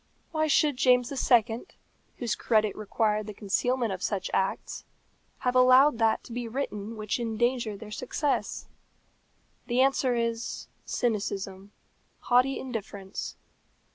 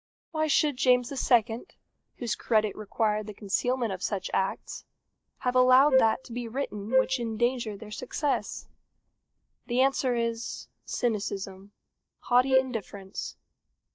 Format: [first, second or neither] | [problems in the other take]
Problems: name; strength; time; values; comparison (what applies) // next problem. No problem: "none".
first | noise reduction (neural mask model DeepFilterNet 3)